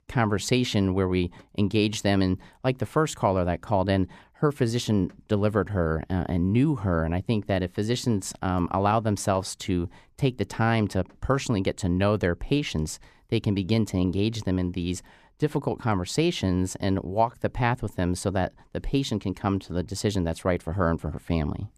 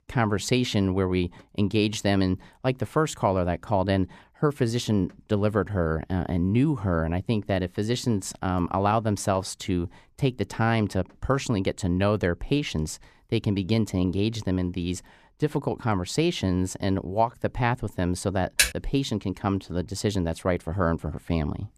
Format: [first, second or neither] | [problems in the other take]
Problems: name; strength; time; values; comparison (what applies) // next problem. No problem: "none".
first | keyboard typing; loud; at 19 s; peak 3 dB above the speech